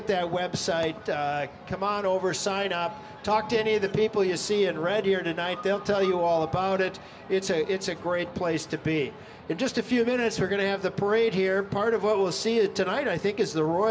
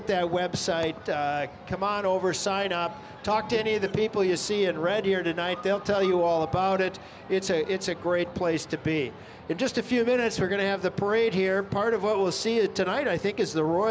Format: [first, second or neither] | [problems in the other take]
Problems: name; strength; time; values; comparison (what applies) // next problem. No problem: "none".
second | room echo; dies away in 0.2 s